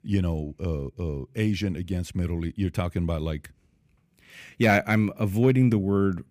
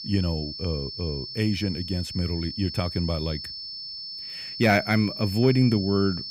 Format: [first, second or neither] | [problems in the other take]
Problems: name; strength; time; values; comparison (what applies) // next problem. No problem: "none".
first | high-pitched whine; loud; throughout; 5.5 kHz, 8 dB below the speech